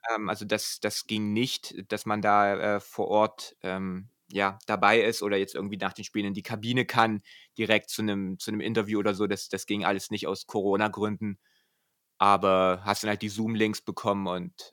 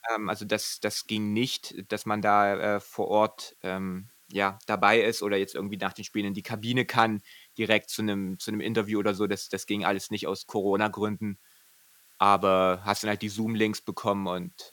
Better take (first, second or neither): first